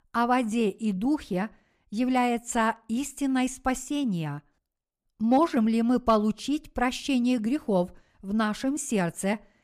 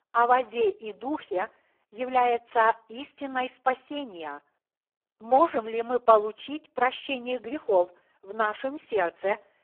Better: first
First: none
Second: phone-call audio; poor line

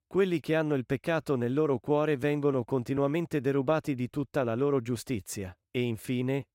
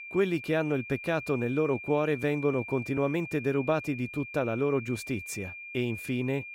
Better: first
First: none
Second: high-pitched whine; noticeable; throughout; 2.5 kHz, 10 dB below the speech

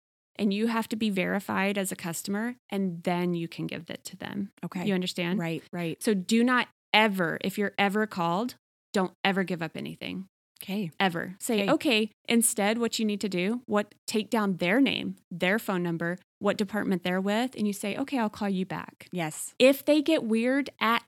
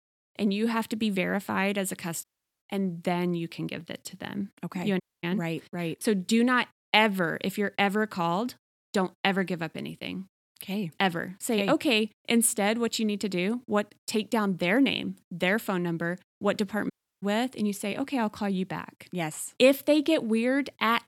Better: first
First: none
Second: audio cutting out; at 2 s, at 5 s and at 17 s

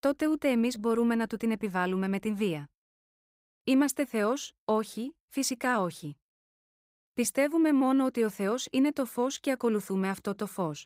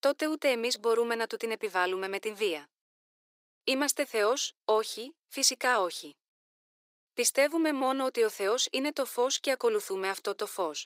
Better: first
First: none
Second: thin; somewhat; fading below 400 Hz

